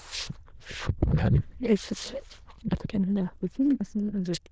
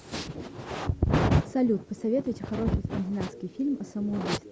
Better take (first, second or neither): second